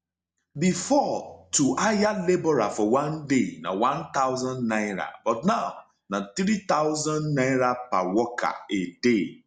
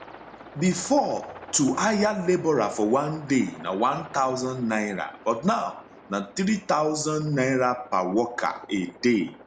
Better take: first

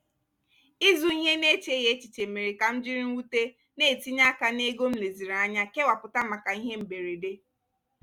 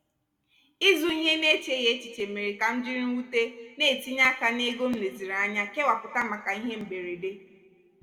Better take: first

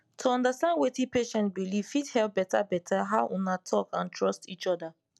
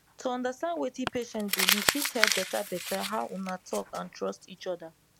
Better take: first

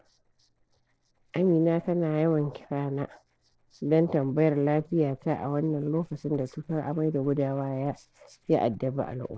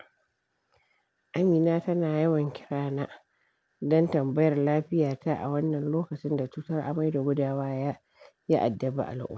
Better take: second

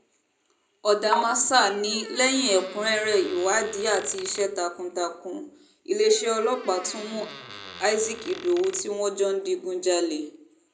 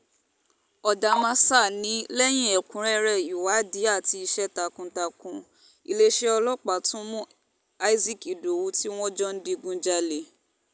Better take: second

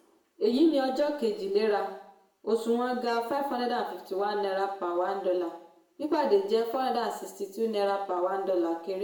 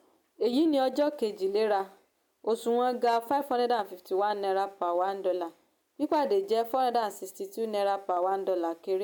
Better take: second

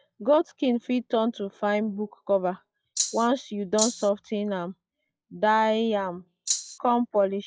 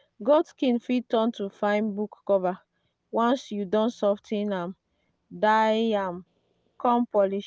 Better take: second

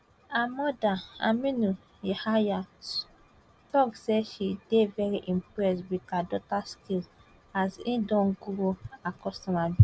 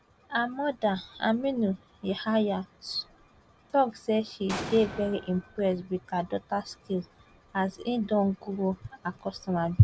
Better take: first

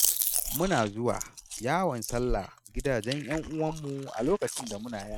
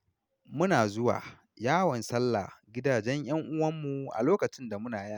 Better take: second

